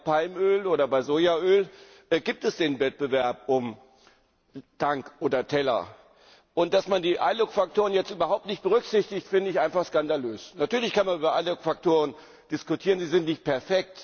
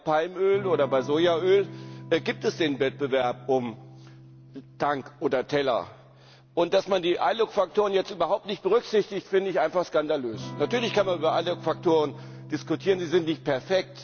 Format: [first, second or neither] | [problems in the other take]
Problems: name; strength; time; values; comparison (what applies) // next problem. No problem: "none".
first | background sound (Electric guitar / Strum); 17 dB below the speech